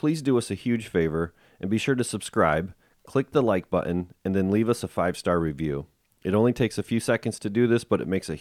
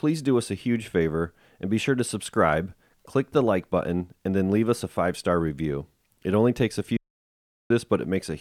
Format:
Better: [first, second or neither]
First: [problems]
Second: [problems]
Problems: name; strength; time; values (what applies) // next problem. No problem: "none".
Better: first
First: none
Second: audio cutting out; at 7 s for 0.5 s